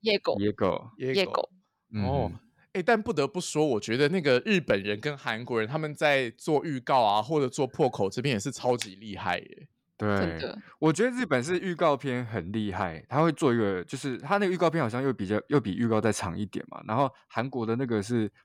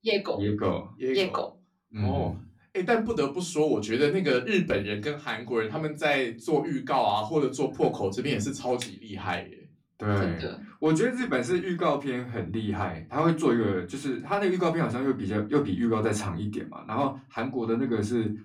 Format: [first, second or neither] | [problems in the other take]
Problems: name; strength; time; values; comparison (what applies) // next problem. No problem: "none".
first | off-mic speech; far // room echo; very slight; dies away in 0.2 s